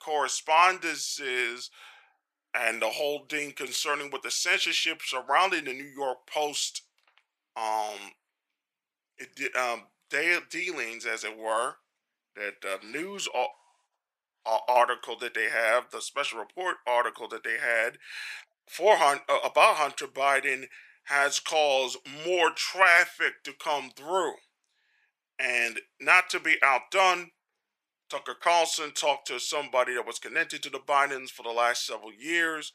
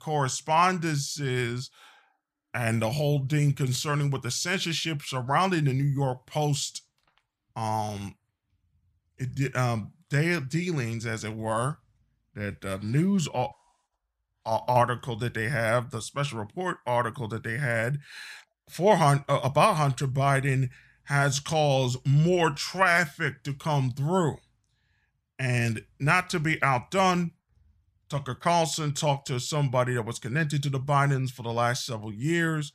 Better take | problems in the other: second | thin; very; fading below 400 Hz

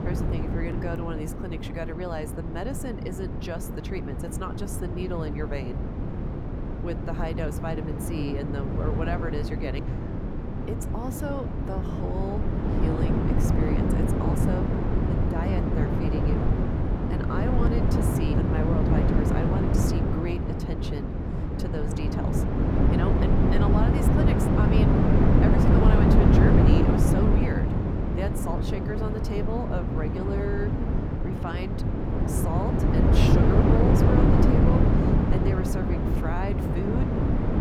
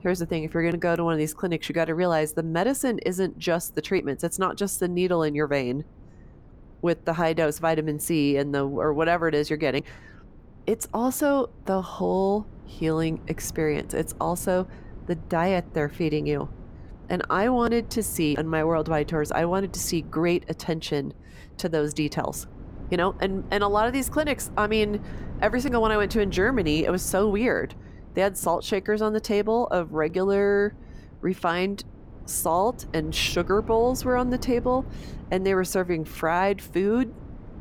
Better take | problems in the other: second | wind noise on the microphone; heavy; 4 dB above the speech; occasional gusts in the second

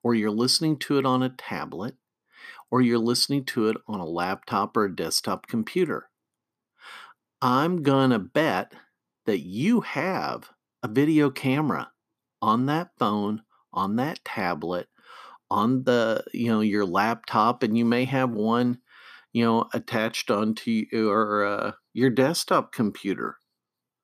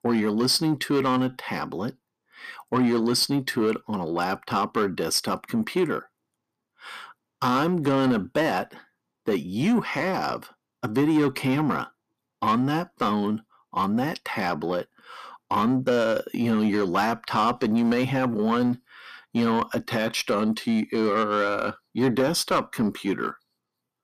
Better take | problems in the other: first | distortion; slight; 10 dB below the speech

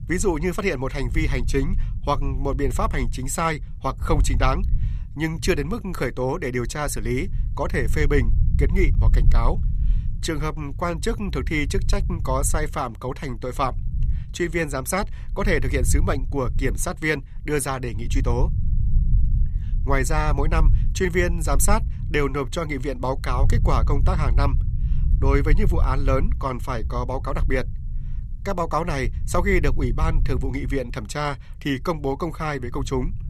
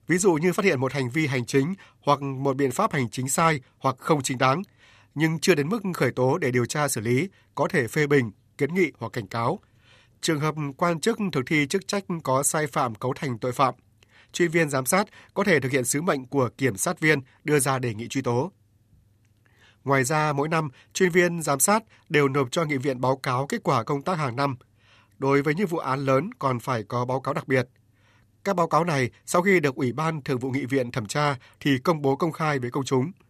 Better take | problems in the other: second | low rumble; noticeable; throughout; 15 dB below the speech

